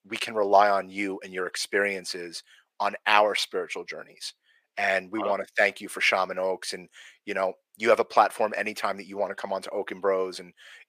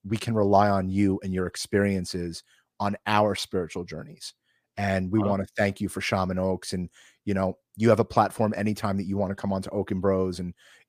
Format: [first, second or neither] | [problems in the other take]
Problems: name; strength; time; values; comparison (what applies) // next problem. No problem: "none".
second | thin; very; fading below 550 Hz